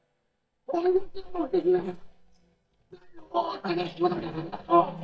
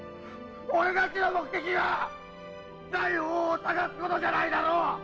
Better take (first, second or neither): second